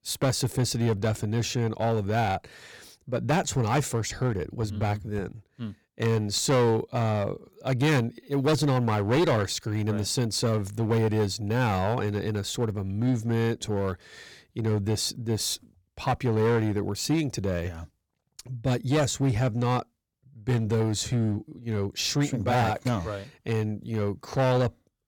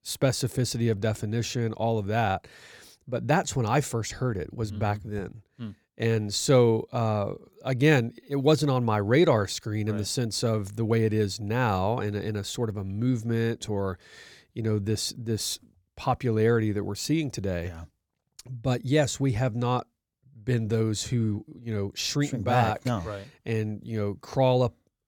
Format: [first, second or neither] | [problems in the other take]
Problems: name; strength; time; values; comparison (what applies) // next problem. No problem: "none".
second | distortion; slight; 8% of the sound clipped